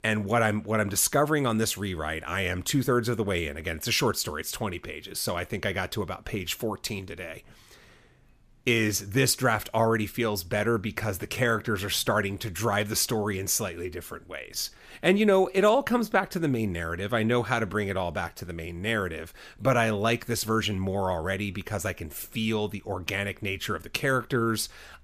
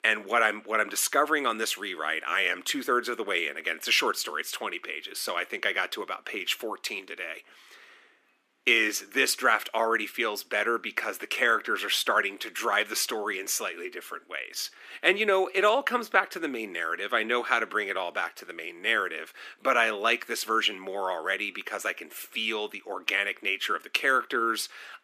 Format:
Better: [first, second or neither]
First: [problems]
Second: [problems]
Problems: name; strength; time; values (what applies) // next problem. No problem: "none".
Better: first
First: none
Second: thin; very; fading below 300 Hz